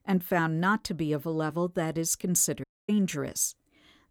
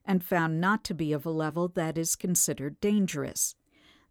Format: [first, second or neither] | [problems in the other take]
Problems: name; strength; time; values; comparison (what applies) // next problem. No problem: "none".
second | audio cutting out; at 2.5 s